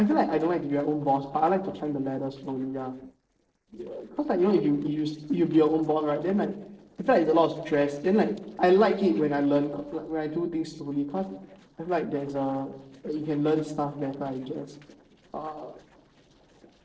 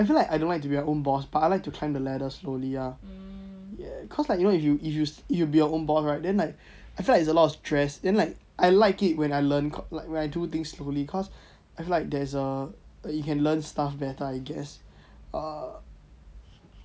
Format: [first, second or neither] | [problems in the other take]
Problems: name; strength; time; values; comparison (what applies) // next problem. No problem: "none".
second | noise reduction (neural separator model SepFormer DNS4)